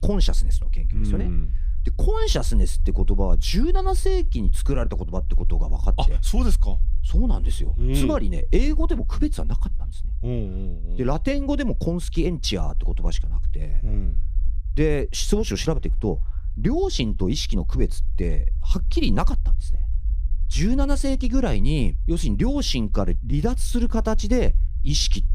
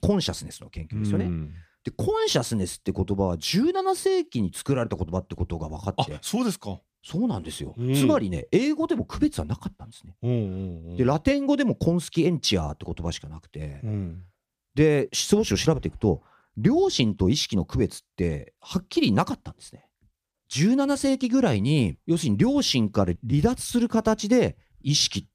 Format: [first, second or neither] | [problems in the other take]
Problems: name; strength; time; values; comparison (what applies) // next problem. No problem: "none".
second | low rumble; faint; throughout; 20 dB below the speech